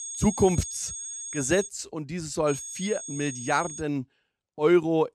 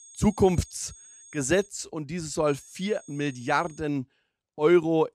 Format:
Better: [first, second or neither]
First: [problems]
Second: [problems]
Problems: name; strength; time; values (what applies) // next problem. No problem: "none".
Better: second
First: high-pitched whine; loud; until 1.5 s and from 2.5 to 4 s; 6.5 kHz, 8 dB below the speech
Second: high-pitched whine; faint; until 1.5 s and from 2.5 to 4 s; 6.5 kHz, 20 dB below the speech